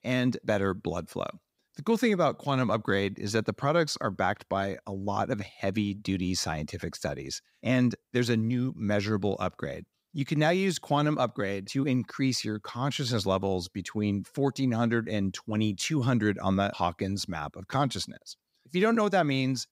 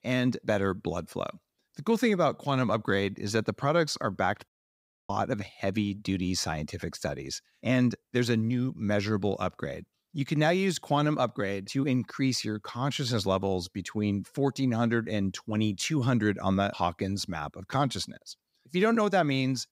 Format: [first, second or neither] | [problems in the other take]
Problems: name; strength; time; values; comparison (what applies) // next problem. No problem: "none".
first | audio cutting out; at 4.5 s for 0.5 s